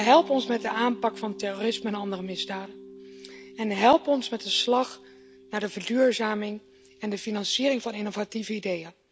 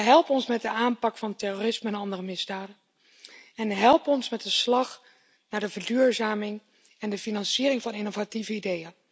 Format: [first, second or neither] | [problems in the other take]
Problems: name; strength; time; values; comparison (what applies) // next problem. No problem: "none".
second | background sound (Mallet percussion); 18 dB below the speech